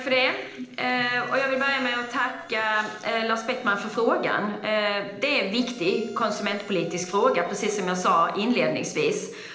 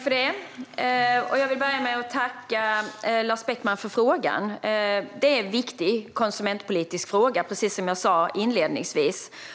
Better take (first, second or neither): second